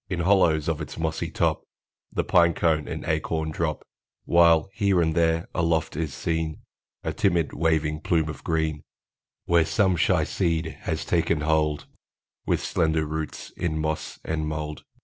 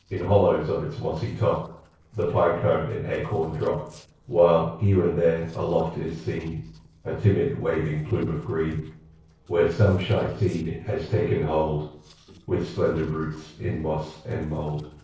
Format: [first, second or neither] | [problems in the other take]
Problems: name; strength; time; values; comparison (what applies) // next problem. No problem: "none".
first | noise reduction (neural separator model SepFormer DNS4)